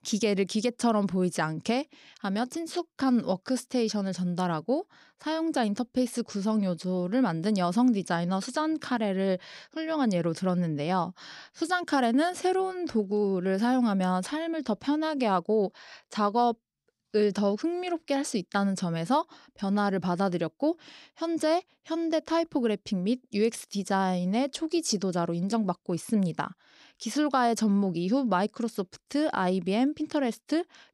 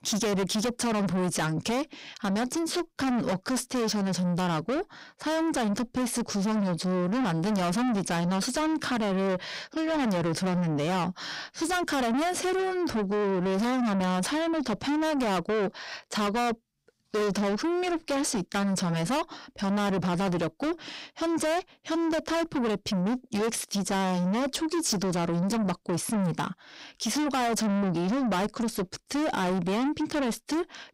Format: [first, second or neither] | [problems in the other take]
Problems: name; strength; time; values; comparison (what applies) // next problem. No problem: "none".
first | distortion; heavy; 6 dB below the speech